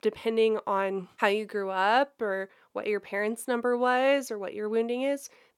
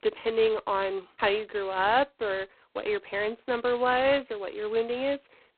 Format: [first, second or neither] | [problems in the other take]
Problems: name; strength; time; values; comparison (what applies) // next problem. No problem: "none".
first | phone-call audio; poor line; nothing above 4 kHz